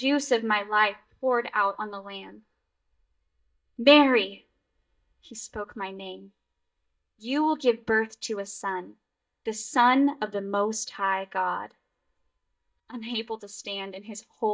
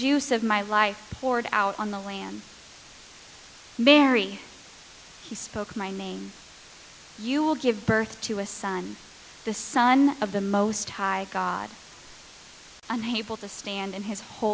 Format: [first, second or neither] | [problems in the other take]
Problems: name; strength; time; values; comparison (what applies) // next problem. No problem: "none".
second | noise reduction (neural mask model DeepFilterNet 3)